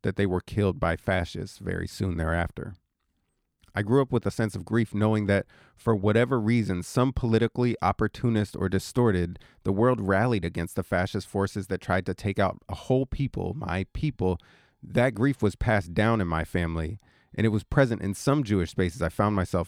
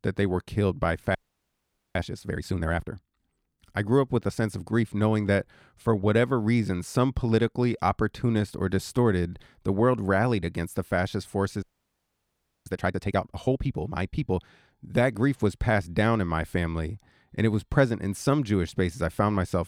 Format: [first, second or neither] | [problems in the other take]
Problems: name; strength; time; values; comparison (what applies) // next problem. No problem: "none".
first | audio freezing; at 1 s for 1 s and at 12 s for 1 s